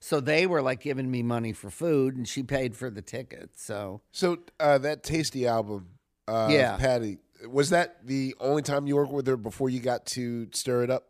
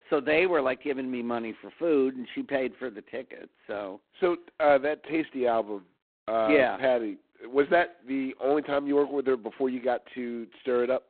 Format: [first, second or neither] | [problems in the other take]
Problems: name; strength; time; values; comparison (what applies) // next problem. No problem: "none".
first | phone-call audio; poor line; nothing above 4 kHz